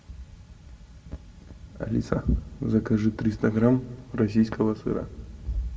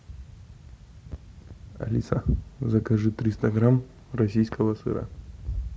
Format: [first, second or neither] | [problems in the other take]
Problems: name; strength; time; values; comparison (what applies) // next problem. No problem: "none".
second | room echo; dies away in 0.6 s